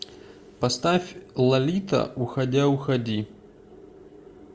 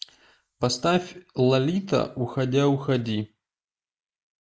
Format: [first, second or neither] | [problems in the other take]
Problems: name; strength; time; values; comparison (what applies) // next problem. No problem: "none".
first | noise reduction (neural mask model Resemble Enhance denoiser)